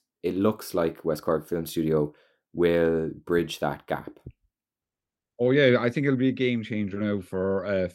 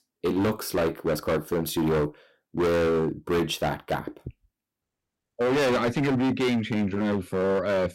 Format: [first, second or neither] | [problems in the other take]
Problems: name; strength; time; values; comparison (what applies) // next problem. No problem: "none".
first | distortion; heavy; 19% of the sound clipped